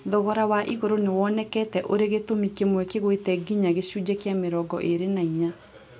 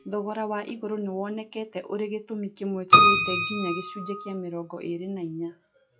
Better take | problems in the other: first | noise reduction (classical method log-MMSE)

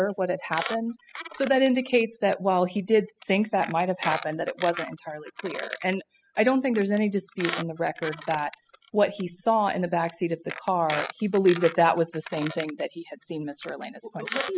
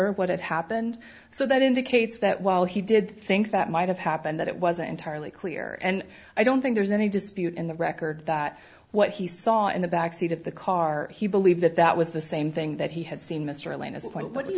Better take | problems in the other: second | noise reduction (classical method spectral subtraction)

